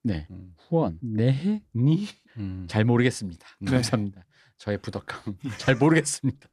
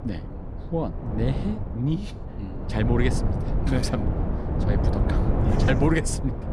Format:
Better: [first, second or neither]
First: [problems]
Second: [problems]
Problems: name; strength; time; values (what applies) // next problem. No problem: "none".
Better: first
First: none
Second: wind noise on the microphone; heavy; 3 dB below the speech